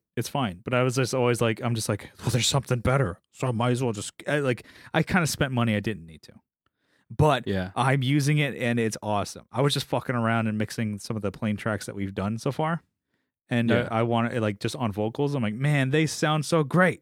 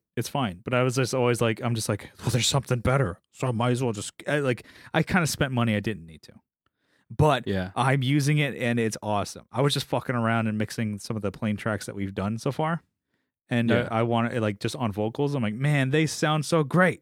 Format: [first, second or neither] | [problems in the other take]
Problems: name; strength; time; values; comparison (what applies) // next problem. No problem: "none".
neither | none